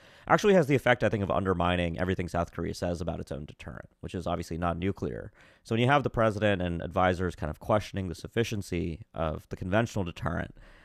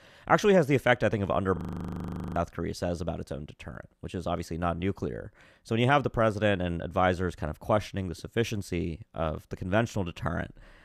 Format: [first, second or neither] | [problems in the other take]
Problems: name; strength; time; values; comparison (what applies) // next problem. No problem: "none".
first | audio freezing; at 1.5 s for 1 s